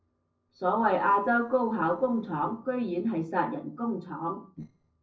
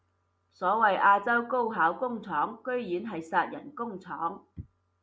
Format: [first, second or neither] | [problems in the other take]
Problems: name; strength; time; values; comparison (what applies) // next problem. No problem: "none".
second | noise reduction (neural separator model SepFormer DNS4)